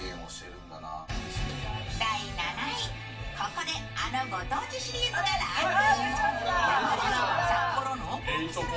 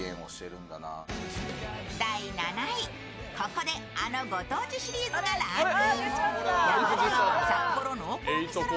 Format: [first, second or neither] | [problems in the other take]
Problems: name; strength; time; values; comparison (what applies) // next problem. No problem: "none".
second | room echo; dies away in 0.2 s